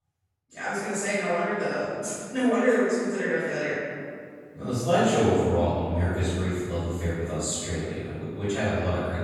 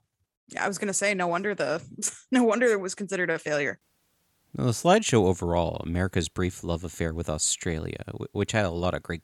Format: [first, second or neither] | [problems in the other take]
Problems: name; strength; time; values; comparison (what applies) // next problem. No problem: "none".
second | off-mic speech; far // room echo; strong; dies away in 2 s